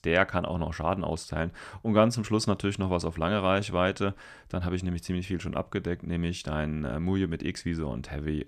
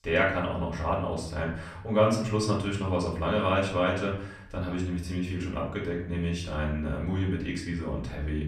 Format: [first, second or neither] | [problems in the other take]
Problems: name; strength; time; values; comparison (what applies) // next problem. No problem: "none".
first | off-mic speech; far // room echo; slight; dies away in 0.5 s